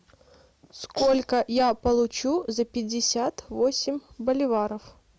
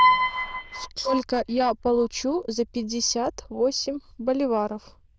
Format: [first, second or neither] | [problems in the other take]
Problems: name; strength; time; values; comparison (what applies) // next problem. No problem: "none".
first | noise reduction (neural diffusion model UNIVERSE++)